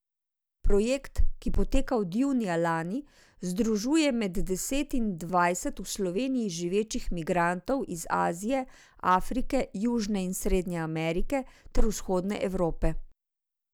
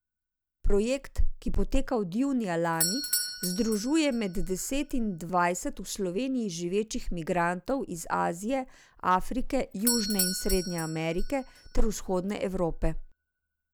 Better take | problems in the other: first | background sound (Doorbell); 11 dB below the speech

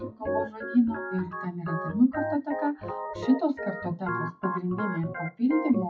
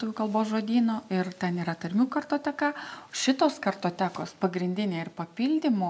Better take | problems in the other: second | noise reduction (classical method WPE with log-MMSE)

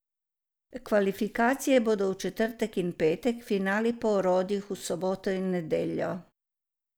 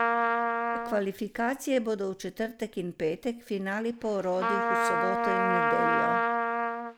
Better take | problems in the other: first | background sound (Trumpet); 3 dB above the speech

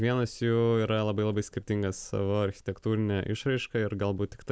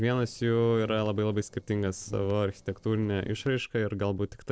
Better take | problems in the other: first | noise reduction (neural separator model SepFormer DNS4)

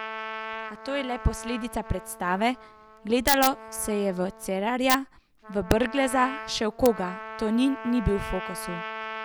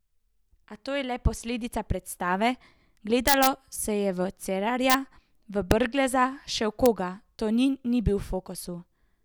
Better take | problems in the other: second | background sound (Trumpet); 12 dB below the speech

